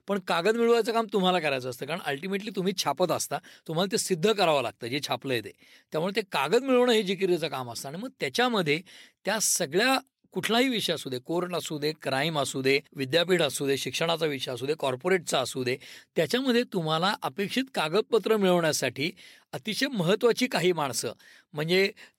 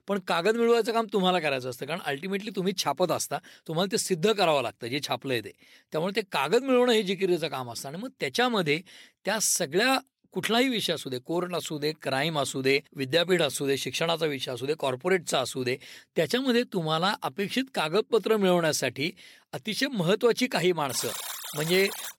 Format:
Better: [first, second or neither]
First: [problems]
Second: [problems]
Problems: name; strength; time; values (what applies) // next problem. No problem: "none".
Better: first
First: none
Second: alarm; noticeable; from 21 s on; peak 6 dB below the speech